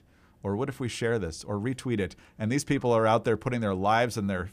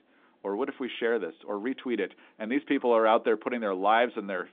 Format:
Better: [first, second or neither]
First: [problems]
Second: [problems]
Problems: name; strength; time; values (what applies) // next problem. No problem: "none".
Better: first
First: none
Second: phone-call audio; nothing above 3.5 kHz